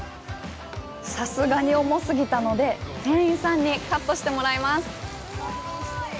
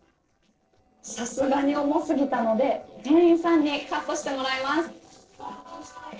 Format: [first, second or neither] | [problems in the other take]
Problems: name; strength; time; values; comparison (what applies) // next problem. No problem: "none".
first | noise reduction (neural separator model SepFormer DNS4)